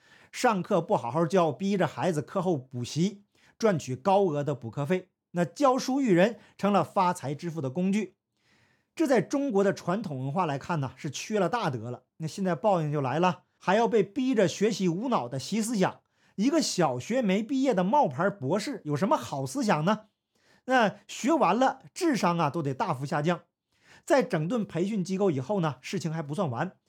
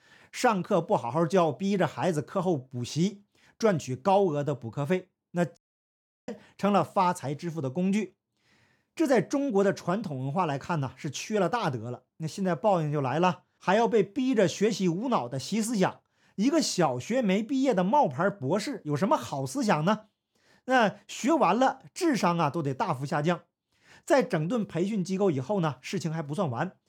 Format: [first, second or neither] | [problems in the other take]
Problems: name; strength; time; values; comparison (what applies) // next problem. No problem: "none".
first | audio cutting out; at 5.5 s for 0.5 s